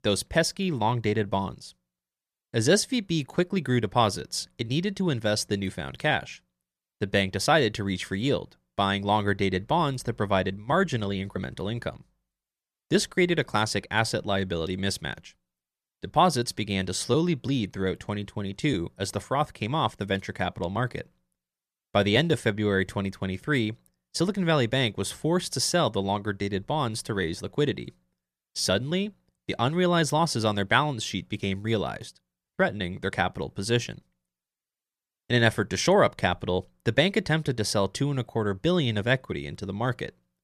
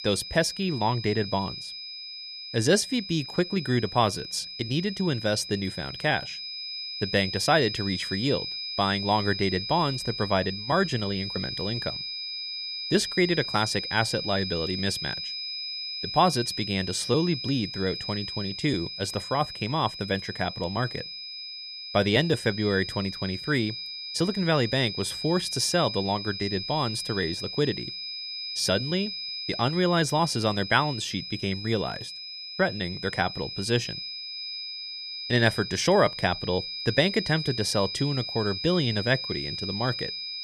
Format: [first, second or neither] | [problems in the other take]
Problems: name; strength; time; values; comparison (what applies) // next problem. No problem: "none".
first | high-pitched whine; loud; throughout; 5 kHz, 6 dB below the speech